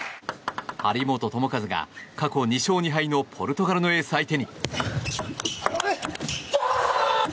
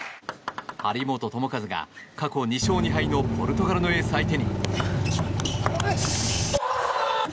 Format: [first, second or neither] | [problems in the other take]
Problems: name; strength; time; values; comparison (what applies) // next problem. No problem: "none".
first | background sound (Bus / Engine); 2 dB above the speech